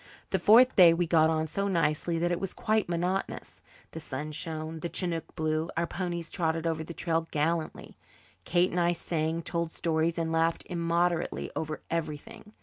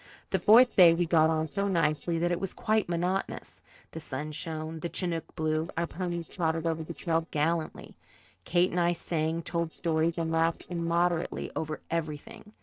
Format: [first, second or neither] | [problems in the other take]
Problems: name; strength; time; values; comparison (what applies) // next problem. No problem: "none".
first | noise reduction (neural separator model SepFormer DNS4)